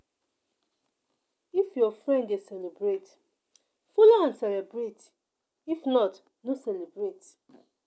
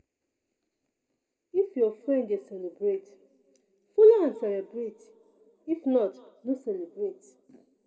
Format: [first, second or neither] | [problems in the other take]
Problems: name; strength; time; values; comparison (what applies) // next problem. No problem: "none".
first | room echo; dies away in 2 s